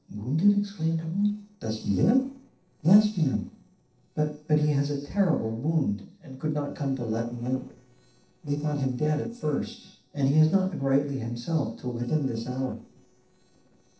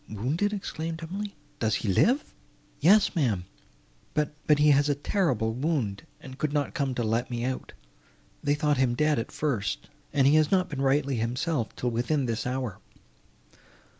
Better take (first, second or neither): second